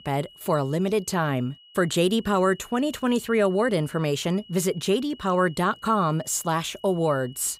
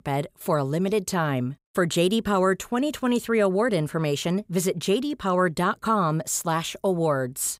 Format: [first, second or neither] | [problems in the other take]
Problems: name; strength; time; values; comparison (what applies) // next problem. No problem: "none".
second | high-pitched whine; faint; throughout; 3 kHz, 25 dB below the speech